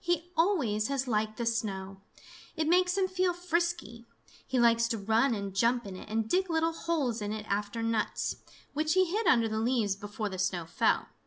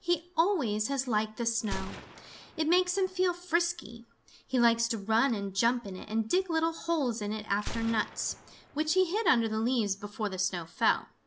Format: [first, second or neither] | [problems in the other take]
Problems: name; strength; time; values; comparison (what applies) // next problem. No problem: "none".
first | background sound (Gunshot, gunfire); 17 dB below the speech